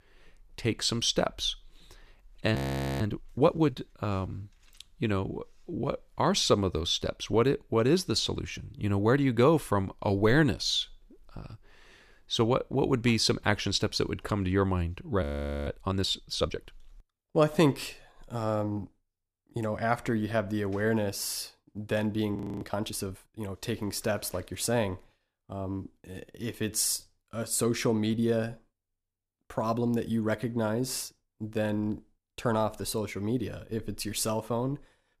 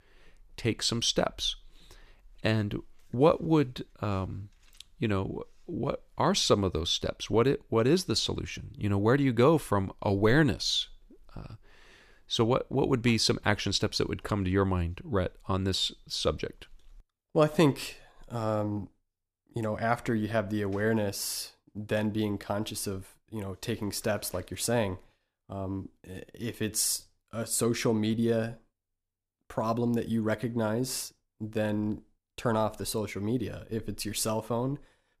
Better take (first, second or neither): second